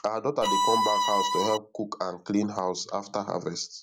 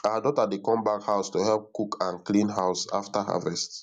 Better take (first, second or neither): second